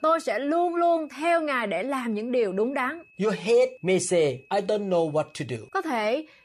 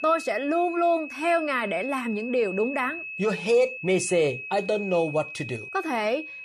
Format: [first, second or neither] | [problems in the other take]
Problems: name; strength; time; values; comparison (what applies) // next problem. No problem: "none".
first | high-pitched whine; loud; throughout; 2.5 kHz, 9 dB below the speech; faint in the first